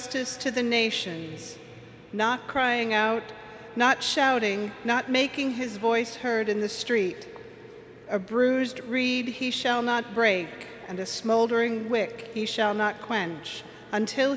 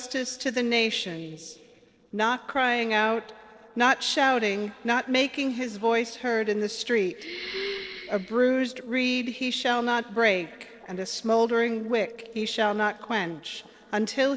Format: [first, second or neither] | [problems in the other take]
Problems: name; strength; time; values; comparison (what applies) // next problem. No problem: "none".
first | noise reduction (neural separator model SepFormer DNS4)